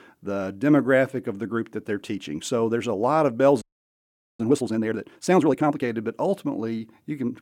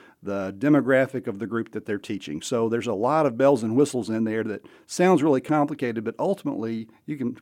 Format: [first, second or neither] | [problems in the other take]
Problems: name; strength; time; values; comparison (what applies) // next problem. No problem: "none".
second | audio freezing; at 3.5 s for 1 s